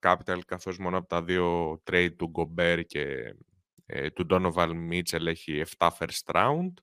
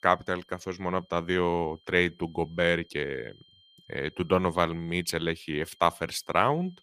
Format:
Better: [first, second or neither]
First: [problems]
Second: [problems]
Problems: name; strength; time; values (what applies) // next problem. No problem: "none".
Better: first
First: none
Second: high-pitched whine; faint; throughout; 3 kHz, 30 dB below the speech